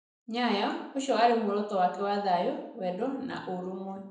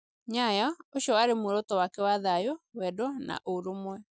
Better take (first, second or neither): second